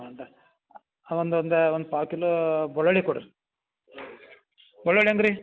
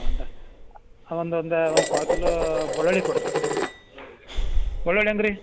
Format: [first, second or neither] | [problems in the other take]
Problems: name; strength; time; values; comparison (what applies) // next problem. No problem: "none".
first | background sound (Breathing + Dishes, pots, and pans); 1 dB above the speech